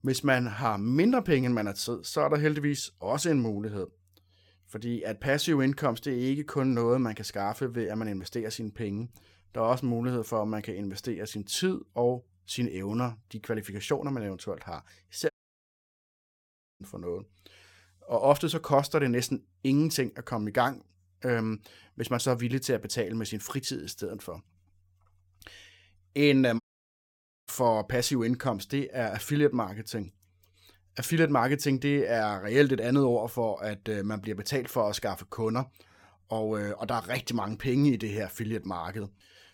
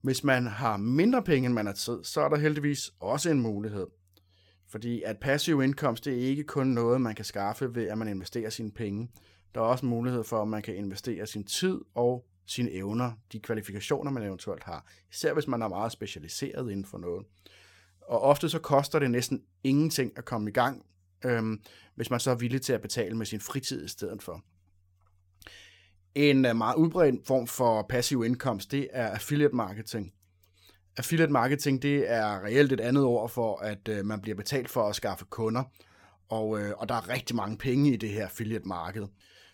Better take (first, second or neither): second